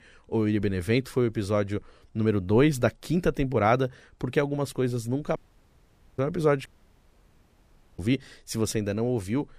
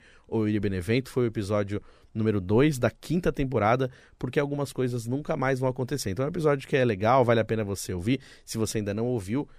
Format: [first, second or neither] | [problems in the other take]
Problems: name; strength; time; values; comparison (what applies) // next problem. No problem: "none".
second | audio cutting out; at 5.5 s for 1 s and at 6.5 s for 1.5 s